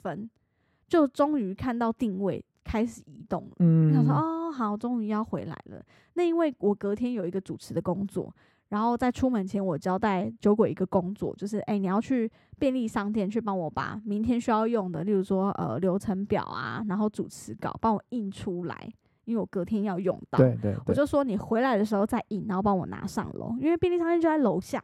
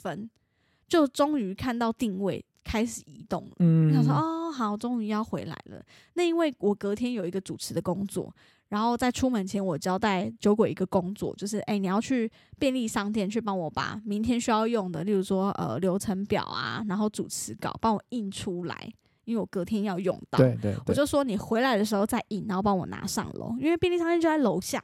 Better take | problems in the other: second | muffled; slightly; fading above 2.5 kHz

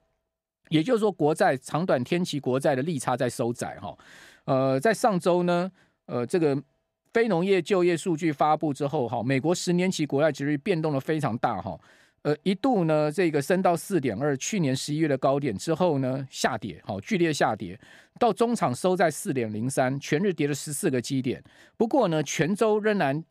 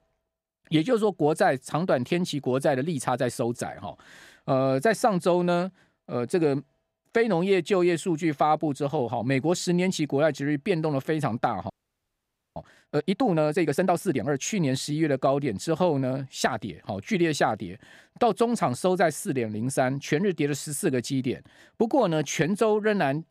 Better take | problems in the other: first | audio freezing; at 12 s for 1 s

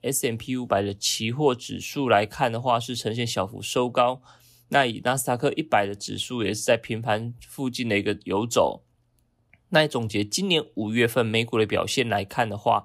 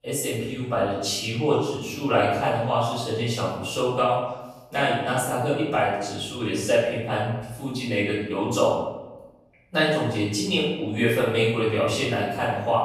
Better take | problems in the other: first | off-mic speech; far // room echo; noticeable; dies away in 0.8 s

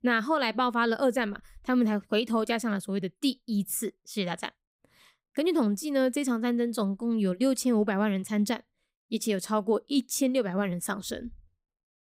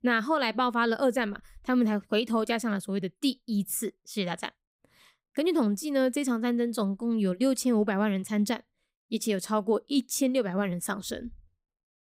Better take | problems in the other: neither | none

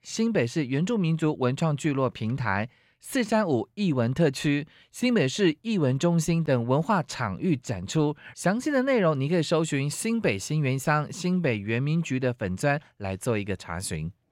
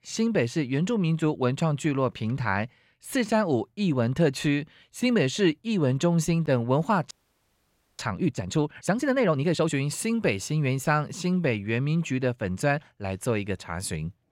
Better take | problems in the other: first | audio freezing; at 7 s for 1 s

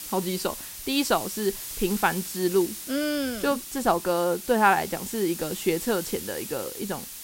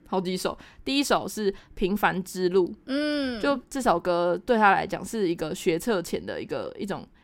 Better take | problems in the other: second | hiss; loud; throughout; 8 dB below the speech

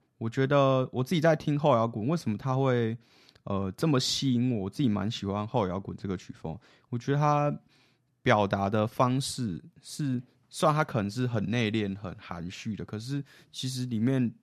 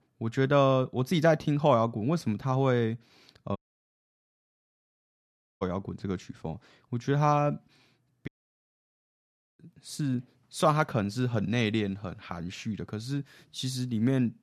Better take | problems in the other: first | audio cutting out; at 3.5 s for 2 s and at 8.5 s for 1.5 s

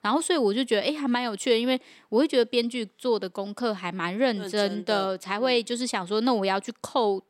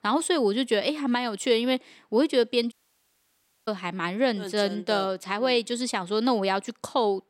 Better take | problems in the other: first | audio cutting out; at 2.5 s for 1 s

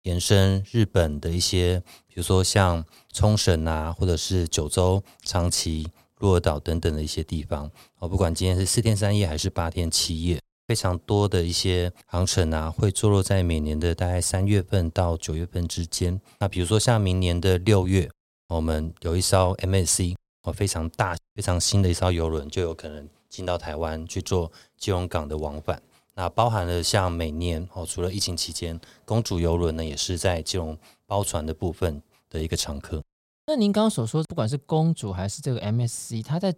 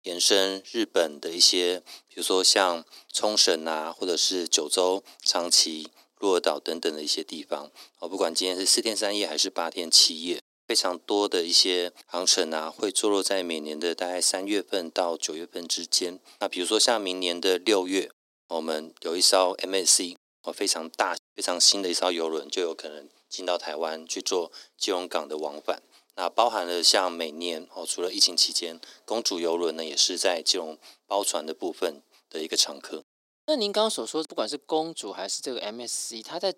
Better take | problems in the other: first | thin; very; fading below 300 Hz

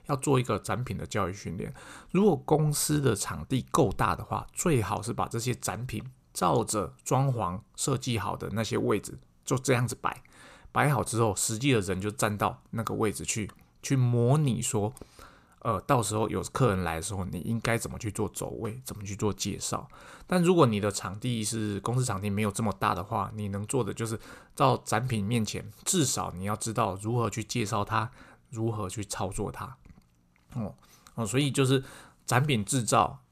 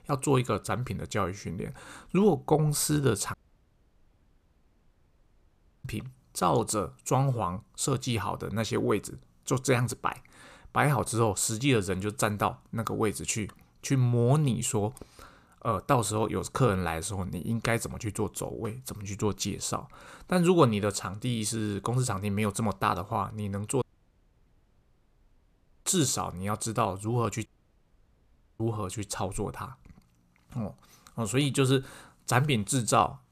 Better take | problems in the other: first | audio cutting out; at 3.5 s for 2.5 s, at 24 s for 2 s and at 27 s for 1 s

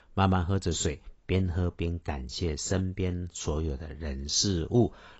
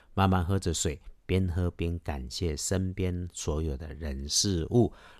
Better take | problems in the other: second | garbled, watery; badly; nothing above 7.5 kHz

